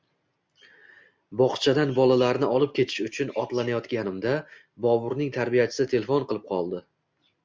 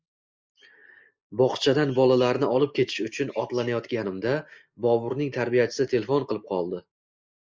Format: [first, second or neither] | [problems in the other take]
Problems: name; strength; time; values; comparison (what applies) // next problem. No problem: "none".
first | noise reduction (neural mask model Resemble Enhance denoiser)